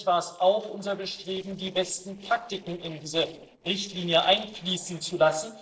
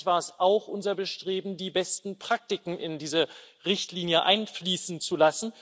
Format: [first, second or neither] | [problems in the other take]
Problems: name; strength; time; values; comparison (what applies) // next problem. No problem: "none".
second | noise reduction (neural separator model SepFormer DNS4)